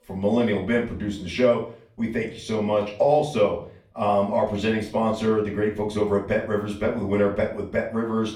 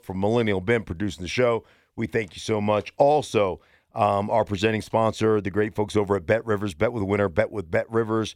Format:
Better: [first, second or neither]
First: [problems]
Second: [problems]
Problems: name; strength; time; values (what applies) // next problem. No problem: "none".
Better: second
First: room echo; slight; dies away in 0.4 s // off-mic speech; far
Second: none